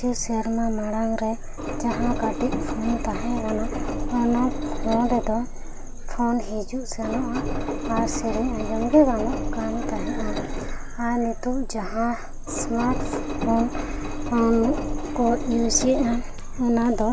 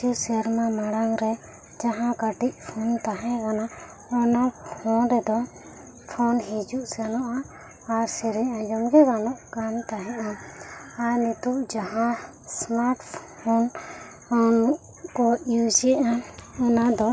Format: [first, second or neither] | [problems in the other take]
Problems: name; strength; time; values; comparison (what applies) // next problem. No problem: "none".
second | background sound (Engine); 3 dB below the speech